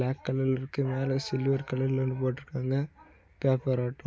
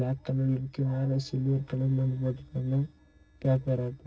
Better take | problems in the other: first | noise reduction (neural separator model SepFormer DNS4)

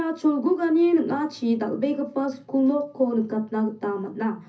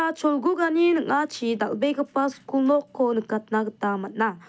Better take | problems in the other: second | room echo; dies away in 0.4 s

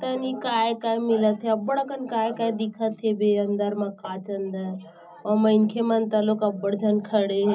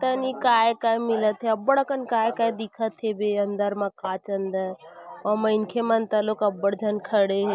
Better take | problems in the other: second | room echo; dies away in 0.4 s

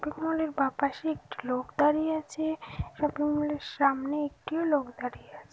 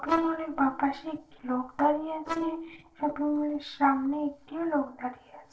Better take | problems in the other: first | noise reduction (neural separator model SepFormer DNS4)

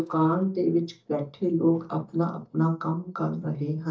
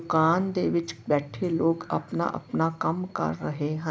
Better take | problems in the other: second | noise reduction (neural mask model DeepFilterNet 3)

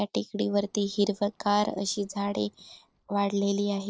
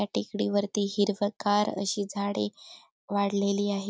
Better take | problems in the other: second | noise reduction (neural separator model SepFormer DNS4)

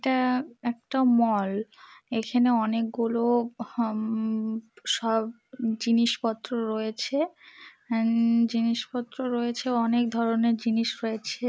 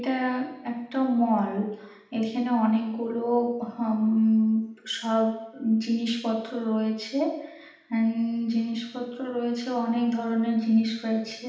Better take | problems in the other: first | room echo; dies away in 0.8 s

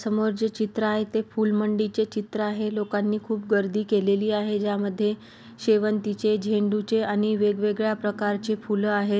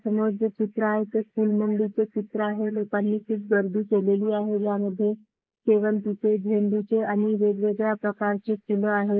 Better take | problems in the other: first | noise reduction (neural mask model Resemble Enhance denoiser)

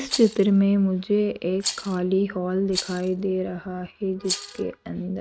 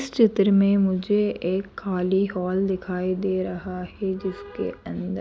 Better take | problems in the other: second | noise reduction (neural mask model RNNoise)

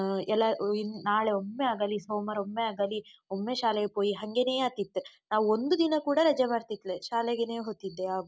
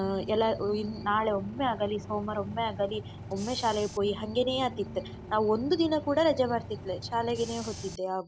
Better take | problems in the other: first | background sound (Bus / Engine); 12 dB below the speech

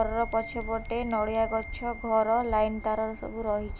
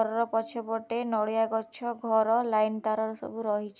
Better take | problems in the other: second | background sound (Bell + Bird); 11 dB below the speech

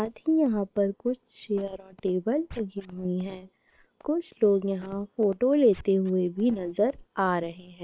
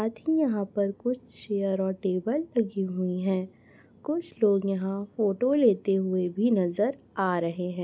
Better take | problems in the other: second | noise reduction (neural separator model SepFormer WHAM!)

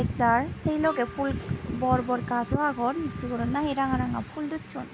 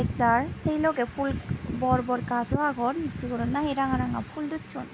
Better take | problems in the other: second | background sound (Wind instrument, woodwind instrument + Engine / Mechanisms); 18 dB below the speech

